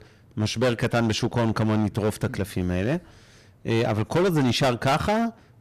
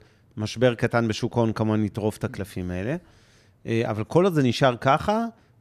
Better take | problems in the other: second | distortion; heavy; 13% of the sound clipped

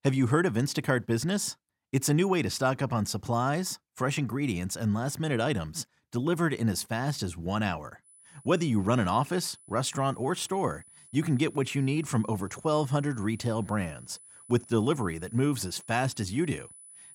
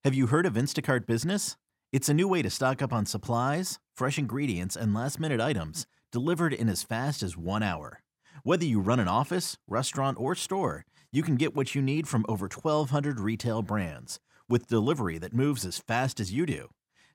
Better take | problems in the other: second | high-pitched whine; faint; from 8 s on; 10 kHz, 20 dB below the speech

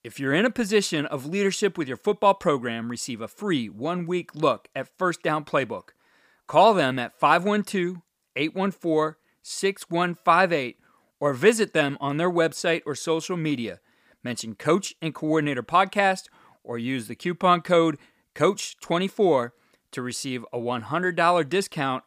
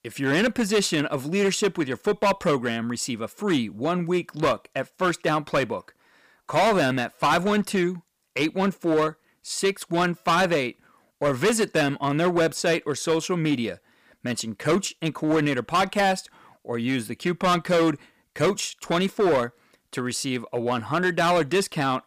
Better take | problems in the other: first | distortion; heavy; 8% of the sound clipped

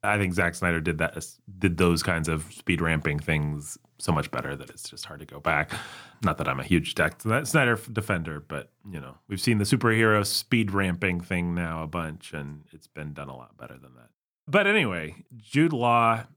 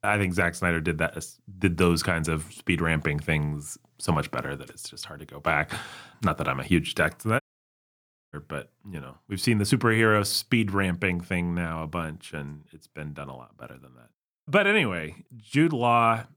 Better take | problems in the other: first | audio cutting out; at 7.5 s for 1 s

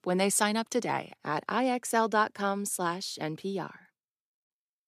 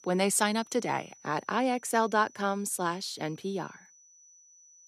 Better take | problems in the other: first | high-pitched whine; faint; throughout; 6 kHz, 25 dB below the speech

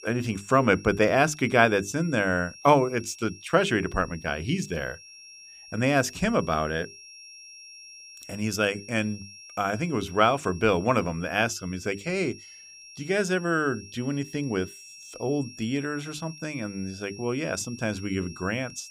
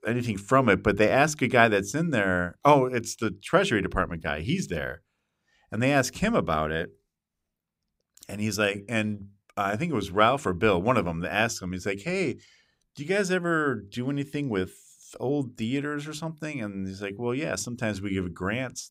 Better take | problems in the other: second | high-pitched whine; noticeable; throughout; 5.5 kHz, 20 dB below the speech

